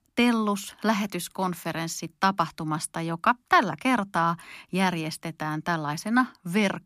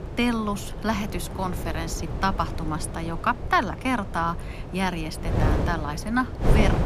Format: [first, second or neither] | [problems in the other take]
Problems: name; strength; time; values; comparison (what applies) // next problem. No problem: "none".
first | wind noise on the microphone; heavy; 9 dB below the speech